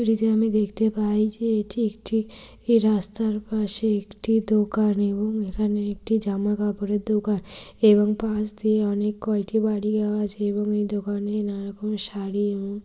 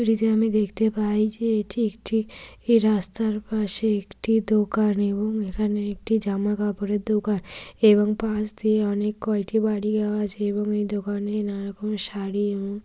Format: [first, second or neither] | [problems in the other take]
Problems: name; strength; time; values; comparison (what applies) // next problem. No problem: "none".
second | room echo; dies away in 0.7 s